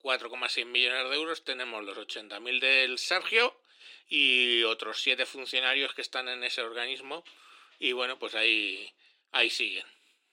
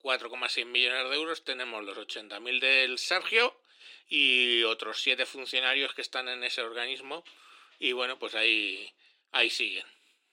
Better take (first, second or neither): neither